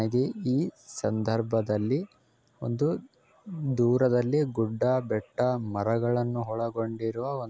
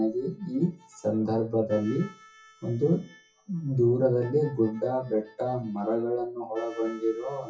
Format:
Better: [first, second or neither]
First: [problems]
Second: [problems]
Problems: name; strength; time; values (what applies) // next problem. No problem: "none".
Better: first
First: none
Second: noise reduction (classical method WPE with log-MMSE)